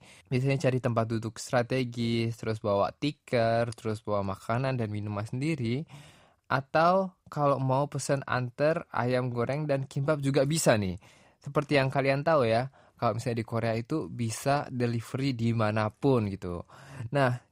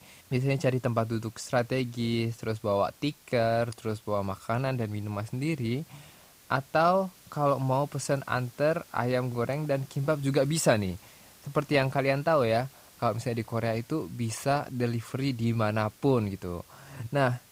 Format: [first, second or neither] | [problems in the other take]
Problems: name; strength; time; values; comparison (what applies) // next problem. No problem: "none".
first | hiss; faint; throughout; 25 dB below the speech